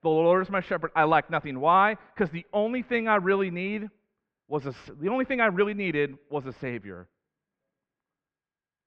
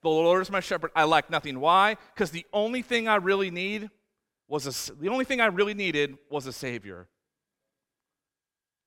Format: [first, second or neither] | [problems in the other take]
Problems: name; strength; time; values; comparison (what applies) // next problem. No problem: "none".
second | muffled; very; fading above 2.5 kHz